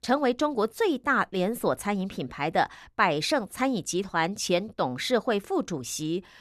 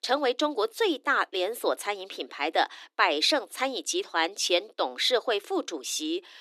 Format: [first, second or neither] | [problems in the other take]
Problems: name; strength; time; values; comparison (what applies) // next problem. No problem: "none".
first | thin; somewhat; fading below 300 Hz